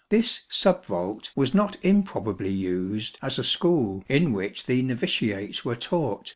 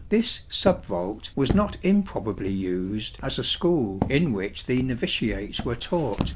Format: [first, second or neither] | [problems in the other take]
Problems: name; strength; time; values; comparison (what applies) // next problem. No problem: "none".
first | background sound (Walk, footsteps); 9 dB below the speech